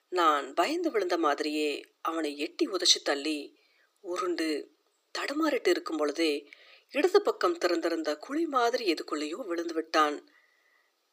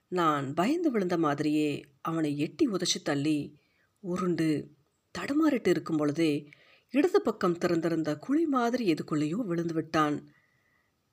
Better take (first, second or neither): second